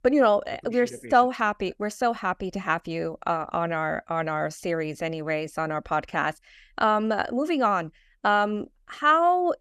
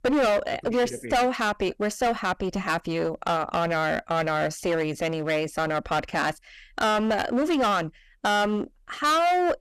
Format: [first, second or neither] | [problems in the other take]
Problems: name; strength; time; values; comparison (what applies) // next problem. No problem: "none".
first | distortion; heavy; 17% of the sound clipped